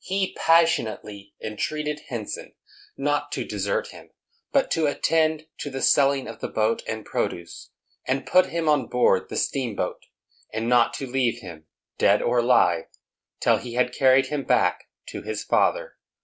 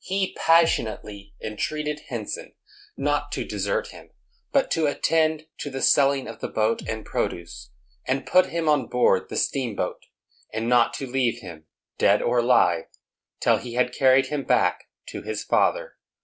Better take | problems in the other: first | background sound (Bass drum); 19 dB below the speech

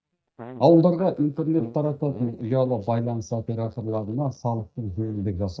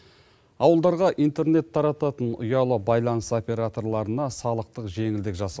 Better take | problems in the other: second | noise reduction (neural mask model DeepFilterNet 3)

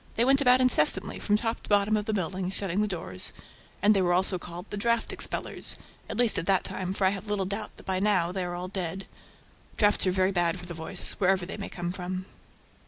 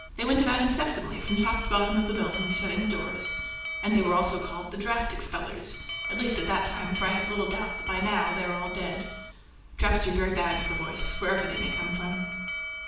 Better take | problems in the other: first | background sound (Alarm); 8 dB below the speech // room echo; dies away in 0.7 s

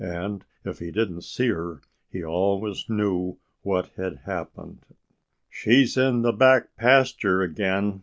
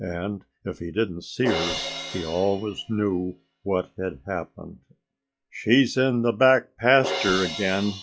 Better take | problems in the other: first | noise reduction (classical method log-MMSE)

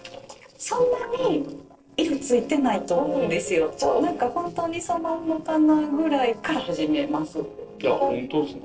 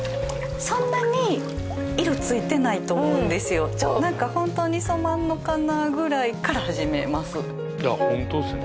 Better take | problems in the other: second | noise reduction (neural separator model SepFormer DNS4)

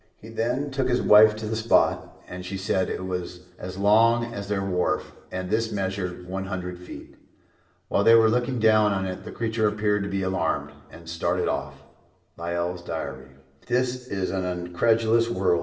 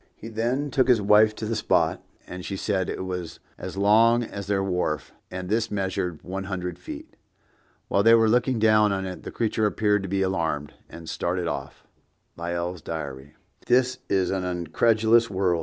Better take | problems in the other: second | room echo; dies away in 0.7 s

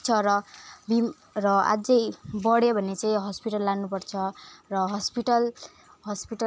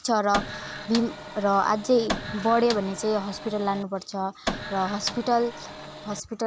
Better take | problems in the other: first | background sound (Printer); 9 dB below the speech

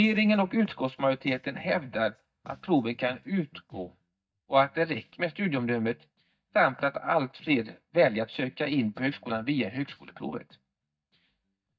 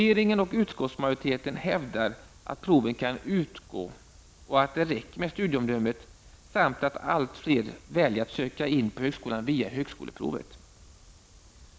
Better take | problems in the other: second | noise reduction (neural mask model DeepFilterNet 3)

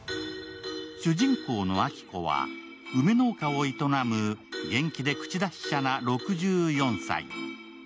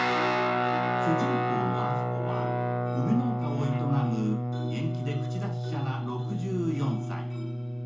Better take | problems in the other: first | background sound (Guitar); 3 dB above the speech // room echo; dies away in 0.7 s

